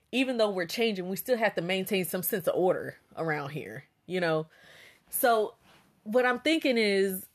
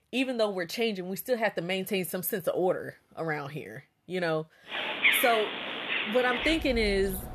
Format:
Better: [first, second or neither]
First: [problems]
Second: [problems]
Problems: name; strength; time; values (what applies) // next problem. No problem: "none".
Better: first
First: none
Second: animal sounds; very loud; from 4.5 s on; 1 dB above the speech